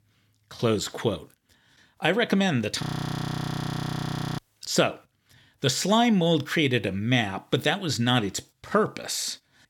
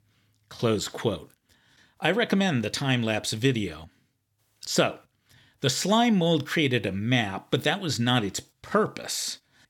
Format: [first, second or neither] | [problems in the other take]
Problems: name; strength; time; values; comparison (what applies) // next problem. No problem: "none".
second | audio freezing; at 3 s for 1.5 s